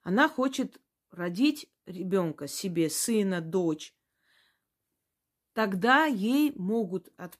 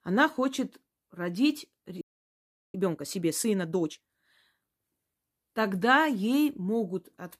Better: first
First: none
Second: audio freezing; at 2 s for 0.5 s

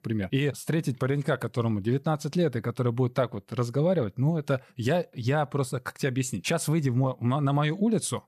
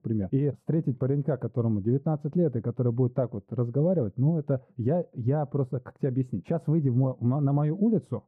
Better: first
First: none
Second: muffled; very; fading above 1.5 kHz

